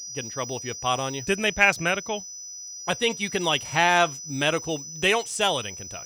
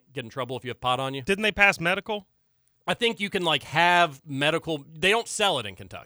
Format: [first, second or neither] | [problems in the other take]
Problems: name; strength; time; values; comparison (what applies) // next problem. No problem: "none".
second | high-pitched whine; noticeable; throughout; 6 kHz, 10 dB below the speech